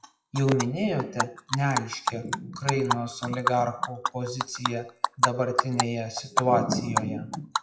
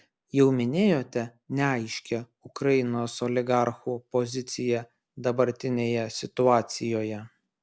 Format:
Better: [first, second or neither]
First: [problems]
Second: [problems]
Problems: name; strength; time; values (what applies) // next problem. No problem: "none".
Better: second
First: noise reduction (classical method WPE with log-MMSE)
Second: none